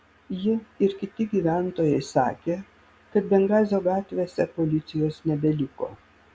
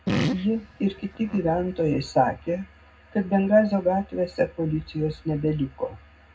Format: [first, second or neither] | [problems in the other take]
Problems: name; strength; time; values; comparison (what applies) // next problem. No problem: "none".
first | background sound (Fart); 5 dB below the speech // room echo; dies away in 0.3 s